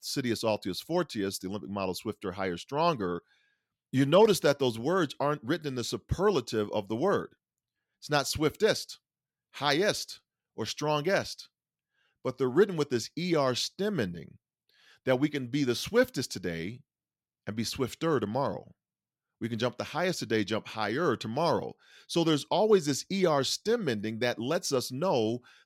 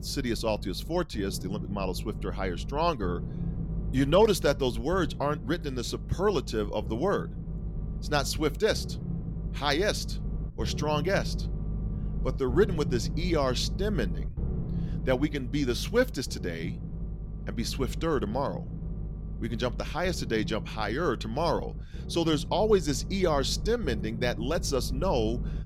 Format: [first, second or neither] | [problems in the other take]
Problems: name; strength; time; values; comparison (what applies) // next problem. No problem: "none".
first | low rumble; noticeable; throughout; 15 dB below the speech